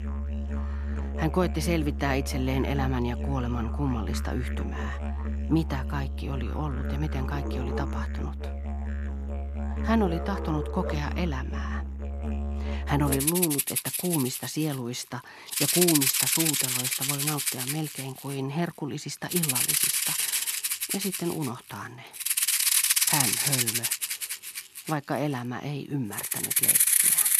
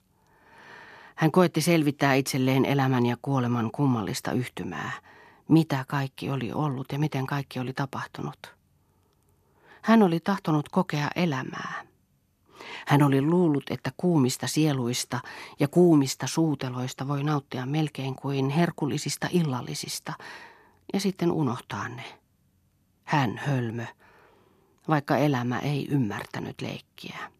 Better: second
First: background music; very loud; throughout; 4 dB above the speech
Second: none

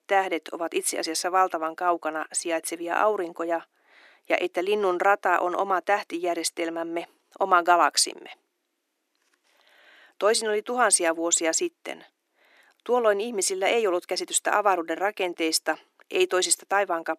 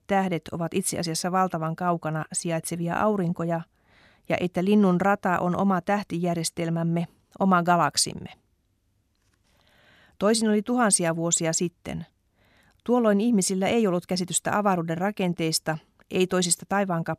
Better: second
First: thin; very; fading below 300 Hz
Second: none

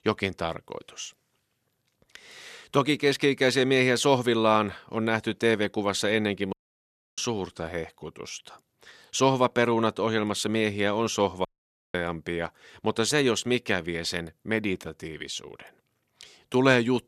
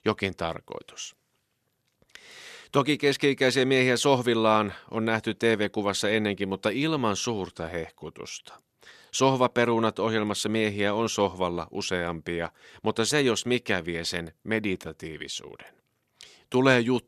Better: second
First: audio cutting out; at 6.5 s for 0.5 s and at 11 s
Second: none

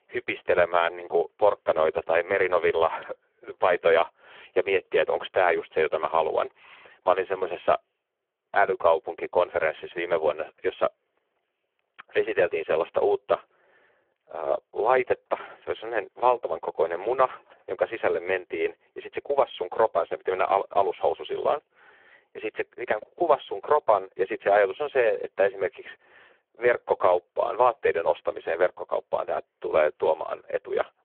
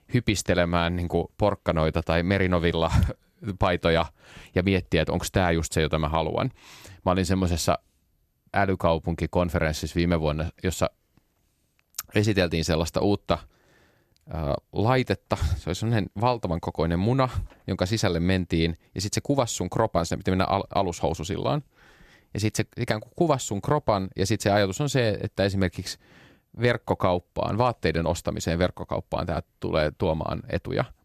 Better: second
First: phone-call audio; poor line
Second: none

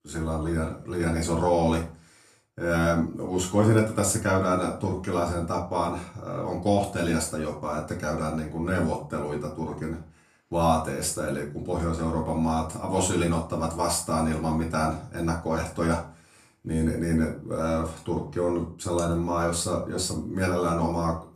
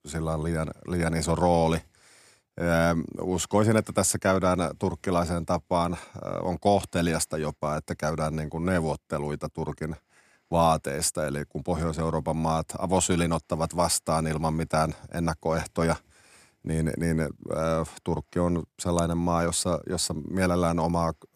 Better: second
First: off-mic speech; far // room echo; slight; dies away in 0.3 s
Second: none

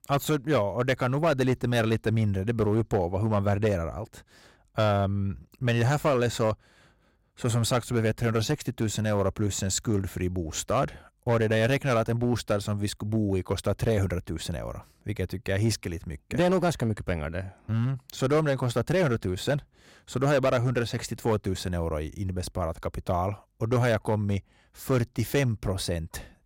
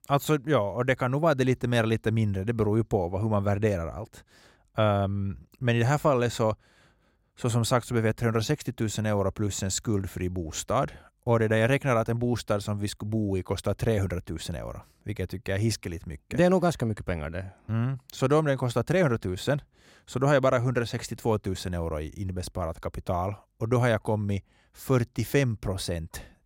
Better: second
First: distortion; slight; 5% of the sound clipped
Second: none

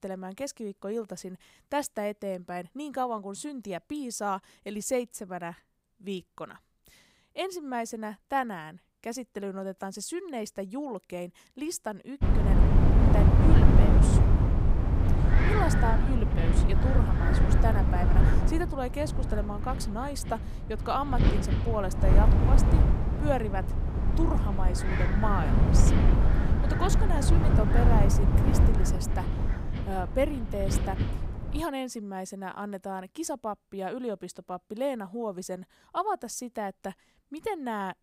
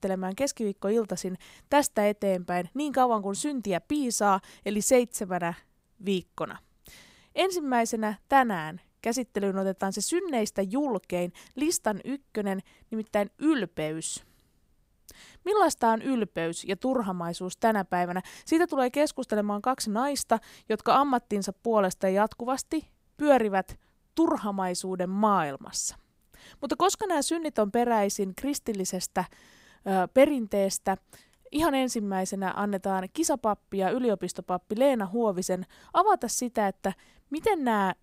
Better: second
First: wind noise on the microphone; heavy; from 12 to 32 s; as loud as the speech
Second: none

